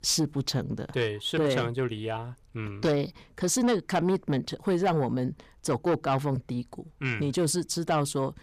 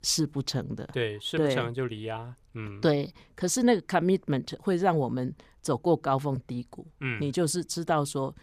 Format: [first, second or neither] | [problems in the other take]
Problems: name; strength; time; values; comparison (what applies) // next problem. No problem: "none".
second | distortion; slight; 10 dB below the speech